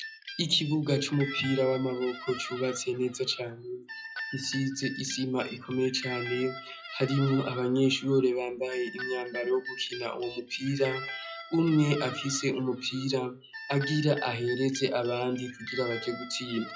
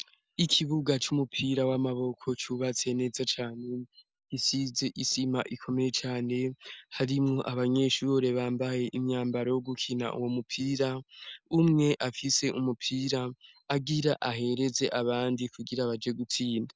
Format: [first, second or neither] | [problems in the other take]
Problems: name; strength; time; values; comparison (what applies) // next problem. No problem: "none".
second | noise reduction (classical method WPE with log-MMSE)